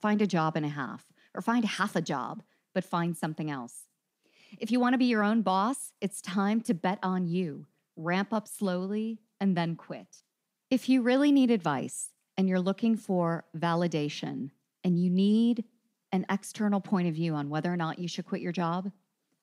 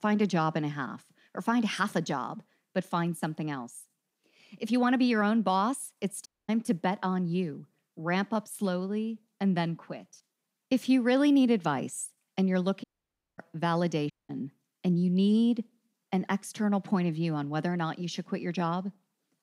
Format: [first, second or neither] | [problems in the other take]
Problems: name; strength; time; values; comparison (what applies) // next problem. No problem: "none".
first | audio cutting out; at 6.5 s, at 13 s for 0.5 s and at 14 s